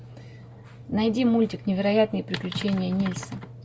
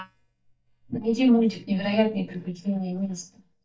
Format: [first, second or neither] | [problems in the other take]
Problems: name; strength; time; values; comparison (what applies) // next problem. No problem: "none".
first | noise reduction (neural mask model DeepFilterNet 3)